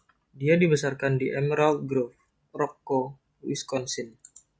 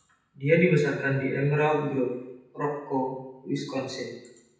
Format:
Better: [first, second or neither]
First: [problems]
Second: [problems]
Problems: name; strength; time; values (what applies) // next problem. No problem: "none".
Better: first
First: none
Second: room echo; dies away in 0.9 s